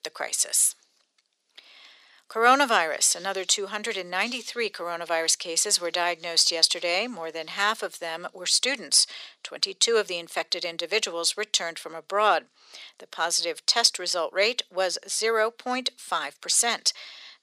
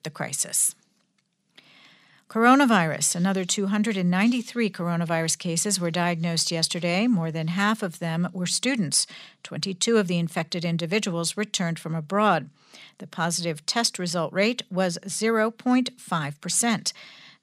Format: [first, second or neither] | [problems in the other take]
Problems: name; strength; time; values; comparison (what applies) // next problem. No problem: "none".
second | thin; very; fading below 400 Hz